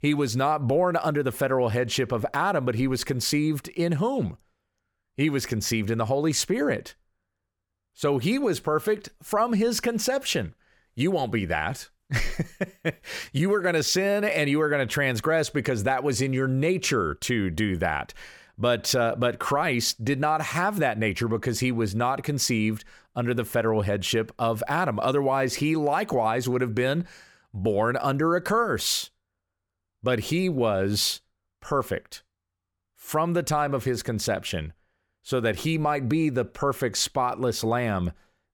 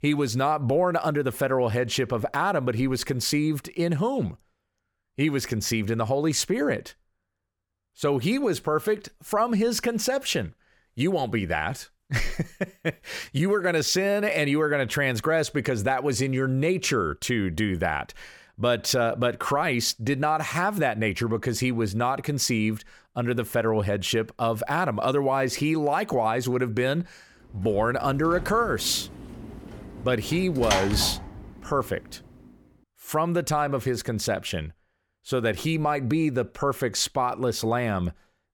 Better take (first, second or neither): first